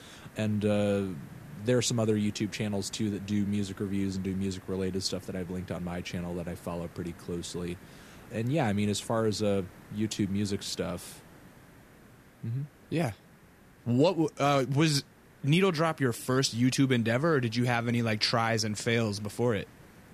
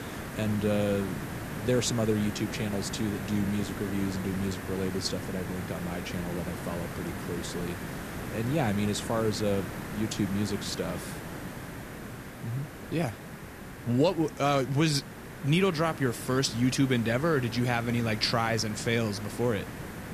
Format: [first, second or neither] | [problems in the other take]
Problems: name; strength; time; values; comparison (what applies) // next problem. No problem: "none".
first | hiss; loud; throughout; 9 dB below the speech; faint in the first